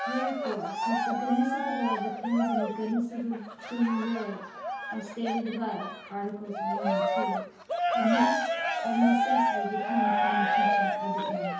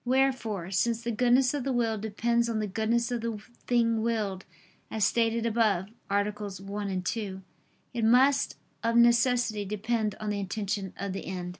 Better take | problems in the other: second | background sound (Cheering); 2 dB above the speech // room echo; dies away in 0.8 s

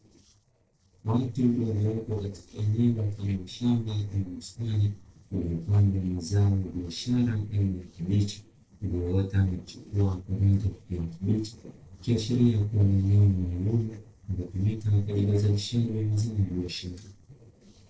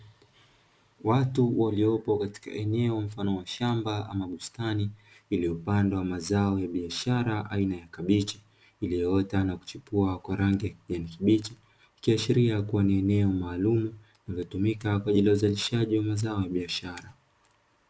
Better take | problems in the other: second | noise reduction (neural separator model SepFormer DNS4)

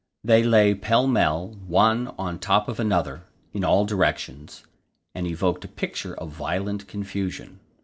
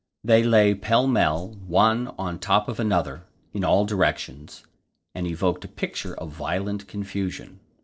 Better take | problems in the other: first | noise reduction (neural separator model SepFormer DNS4)

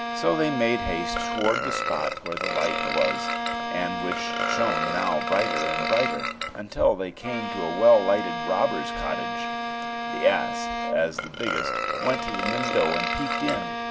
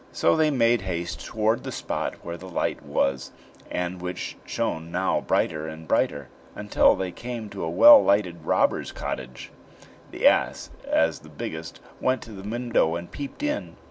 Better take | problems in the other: second | background sound (Burping, eructation + Bowed string instrument); 1 dB below the speech

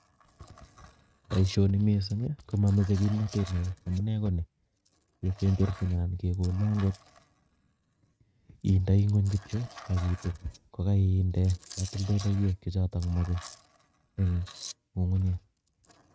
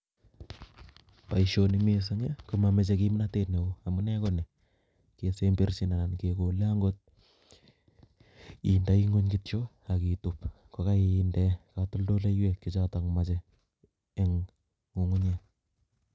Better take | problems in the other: second | noise reduction (neural mask model RNNoise)

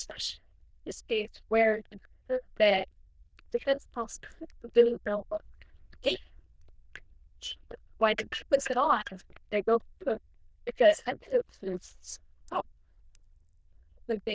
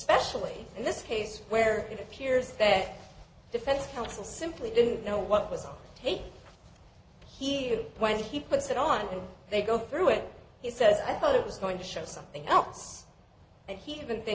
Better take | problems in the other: second | noise reduction (neural diffusion model UNIVERSE++)

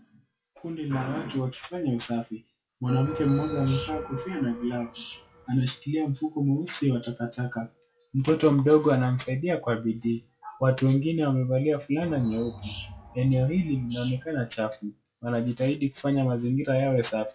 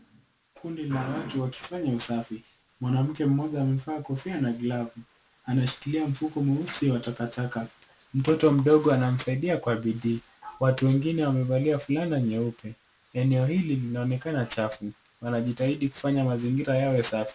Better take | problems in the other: second | noise reduction (classical method log-MMSE)

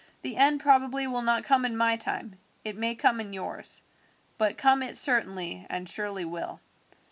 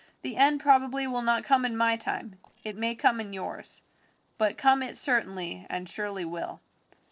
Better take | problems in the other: first | noise reduction (neural separator model SepFormer DNS4)

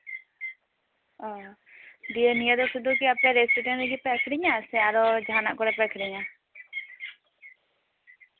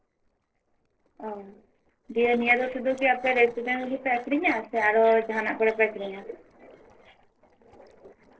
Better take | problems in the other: first | noise reduction (neural separator model SepFormer DNS4)

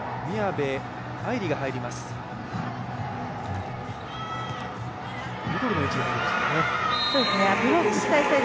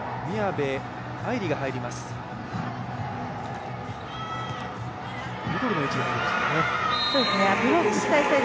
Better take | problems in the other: second | background sound (Breathing); 10 dB below the speech

